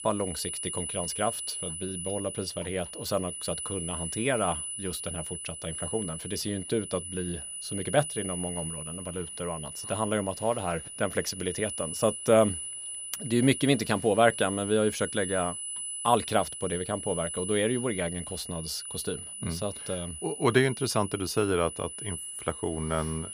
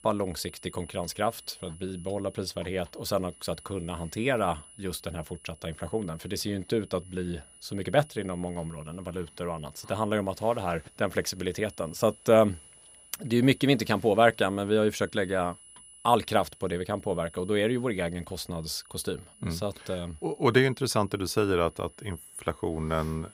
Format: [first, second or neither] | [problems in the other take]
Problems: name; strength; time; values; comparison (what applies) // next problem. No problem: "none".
second | high-pitched whine; loud; throughout; 10 kHz, 6 dB below the speech; faint in the second